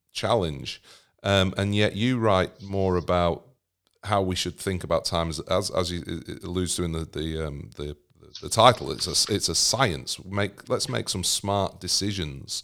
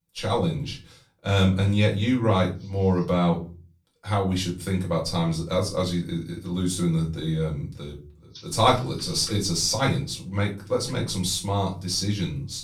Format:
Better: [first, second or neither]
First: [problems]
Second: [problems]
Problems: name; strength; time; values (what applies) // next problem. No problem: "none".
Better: first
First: none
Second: room echo; slight; dies away in 0.3 s // off-mic speech; far